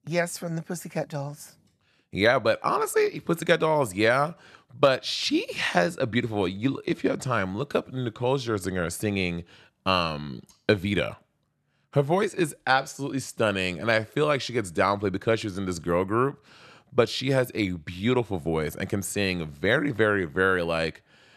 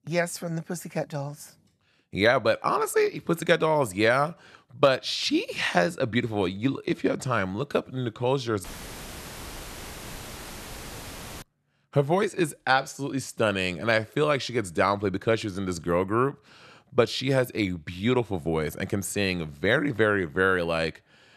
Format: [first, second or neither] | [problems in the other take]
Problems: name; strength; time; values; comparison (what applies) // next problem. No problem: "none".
first | audio cutting out; filled with static; at 8.5 s for 3 s